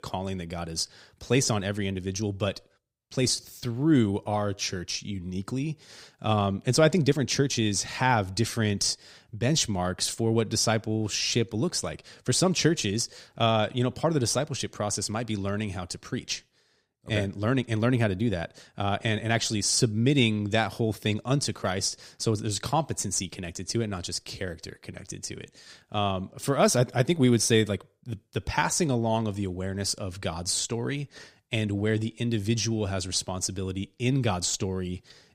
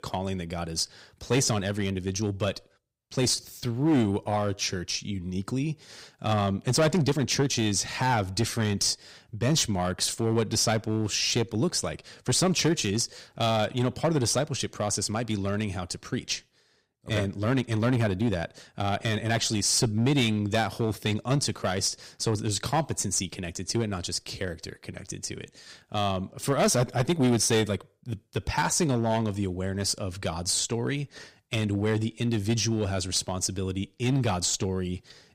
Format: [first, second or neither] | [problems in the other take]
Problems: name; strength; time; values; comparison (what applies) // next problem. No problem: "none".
first | distortion; slight; 4% of the sound clipped